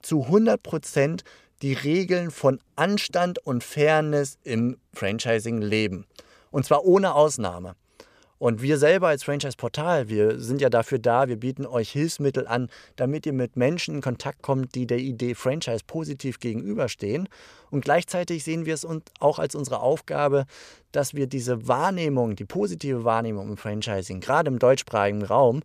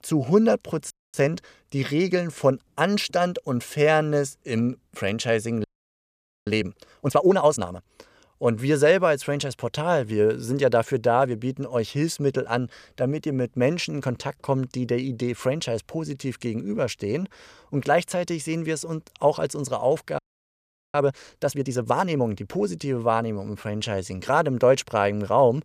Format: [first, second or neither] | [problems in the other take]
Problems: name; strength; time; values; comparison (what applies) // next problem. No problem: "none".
first | audio freezing; at 1 s, at 5.5 s for 1 s and at 20 s for 1 s